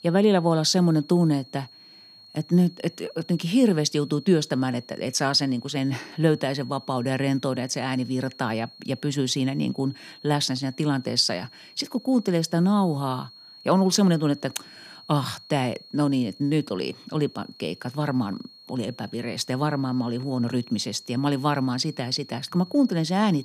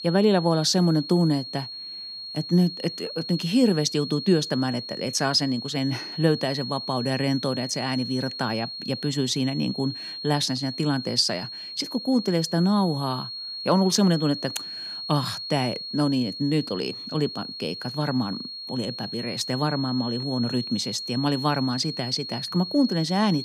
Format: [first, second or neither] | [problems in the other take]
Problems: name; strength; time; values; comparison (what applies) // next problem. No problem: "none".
first | high-pitched whine; loud; throughout; 4.5 kHz, 8 dB below the speech; faint in the first